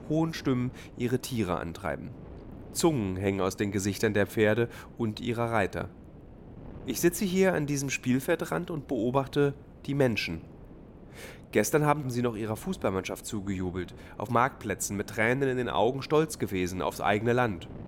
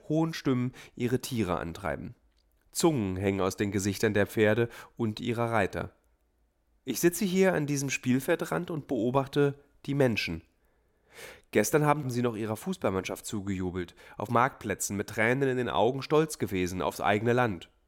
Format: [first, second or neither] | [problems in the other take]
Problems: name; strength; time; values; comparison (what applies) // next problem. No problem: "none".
second | wind noise on the microphone; occasional gusts; 25 dB below the speech